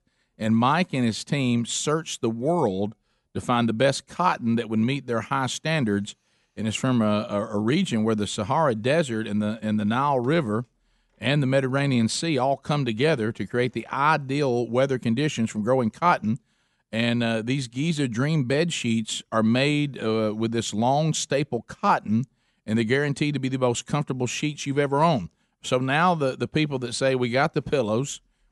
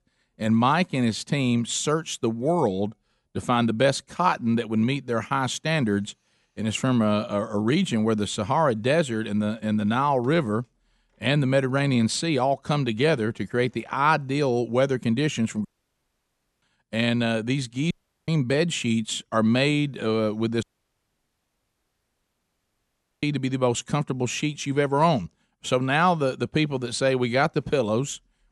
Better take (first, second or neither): first